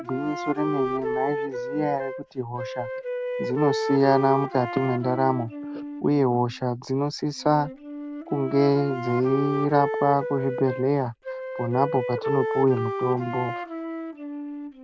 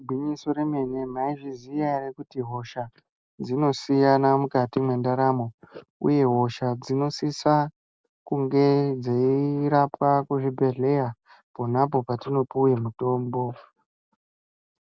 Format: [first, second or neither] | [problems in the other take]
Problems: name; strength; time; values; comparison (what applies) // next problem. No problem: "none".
second | background sound (Wind instrument, woodwind instrument); 6 dB below the speech